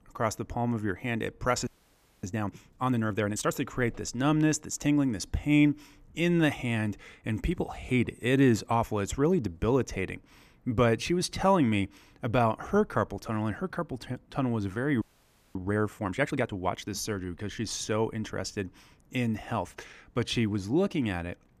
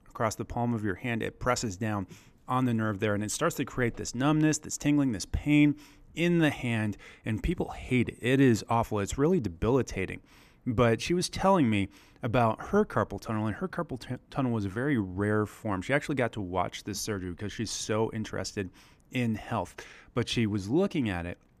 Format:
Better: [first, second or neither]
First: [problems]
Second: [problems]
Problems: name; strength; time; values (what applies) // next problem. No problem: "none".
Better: second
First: audio freezing; at 1.5 s for 0.5 s and at 15 s for 0.5 s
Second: none